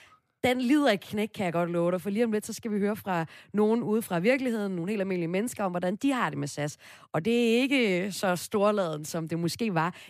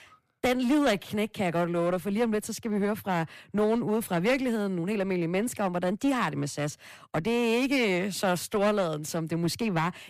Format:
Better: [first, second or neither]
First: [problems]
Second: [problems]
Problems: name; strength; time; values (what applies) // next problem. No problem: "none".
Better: first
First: none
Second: distortion; slight; 10% of the sound clipped